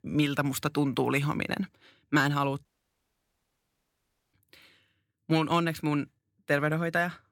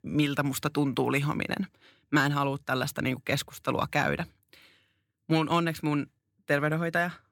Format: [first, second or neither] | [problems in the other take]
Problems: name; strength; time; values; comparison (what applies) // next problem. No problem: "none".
second | audio cutting out; at 2.5 s for 1.5 s